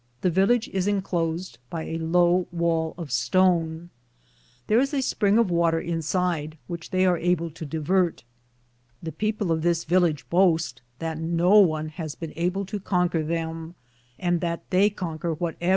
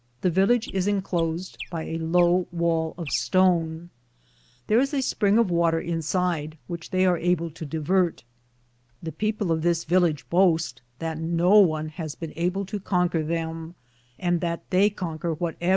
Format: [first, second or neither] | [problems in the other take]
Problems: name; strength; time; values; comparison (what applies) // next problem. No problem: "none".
first | background sound (Chirp, tweet); 19 dB below the speech